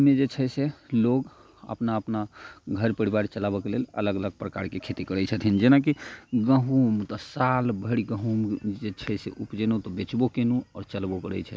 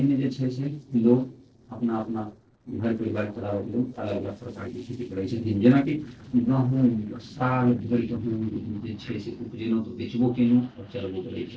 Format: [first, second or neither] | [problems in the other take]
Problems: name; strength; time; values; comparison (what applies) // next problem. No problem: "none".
first | noise reduction (neural separator model SepFormer DNS4)